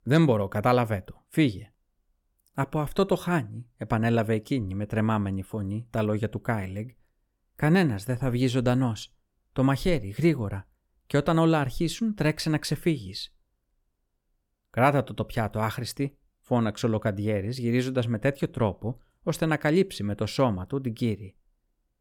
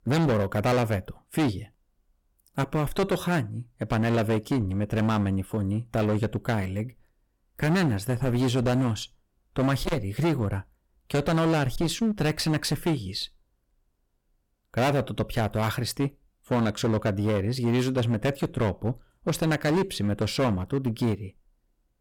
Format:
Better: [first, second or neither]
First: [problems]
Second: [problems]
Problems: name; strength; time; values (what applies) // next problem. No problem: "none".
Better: first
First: none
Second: distortion; heavy; 17% of the sound clipped